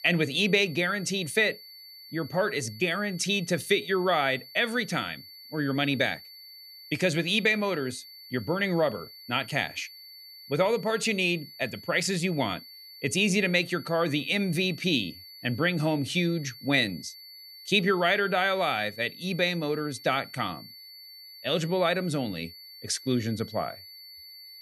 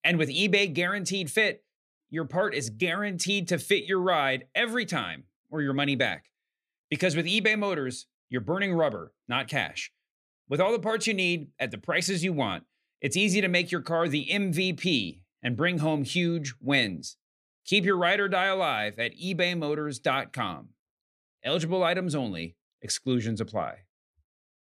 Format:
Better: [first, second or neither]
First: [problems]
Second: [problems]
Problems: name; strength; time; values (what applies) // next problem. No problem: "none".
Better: second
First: high-pitched whine; noticeable; throughout; 4.5 kHz, 15 dB below the speech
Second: none